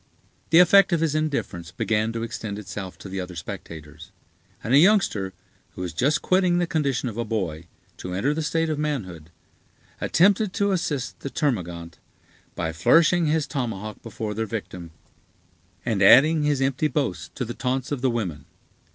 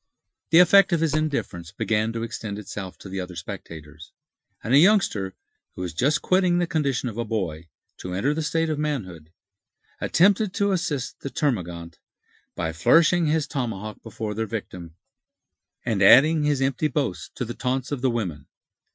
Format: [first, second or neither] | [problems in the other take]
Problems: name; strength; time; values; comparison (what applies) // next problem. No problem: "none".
first | noise reduction (classical method Wiener filter)